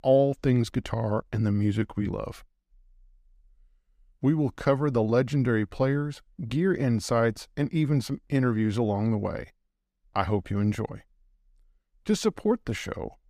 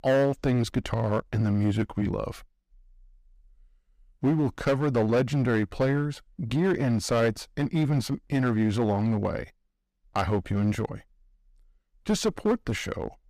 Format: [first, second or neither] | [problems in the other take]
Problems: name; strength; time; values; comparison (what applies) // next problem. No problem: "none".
first | distortion; slight; 7% of the sound clipped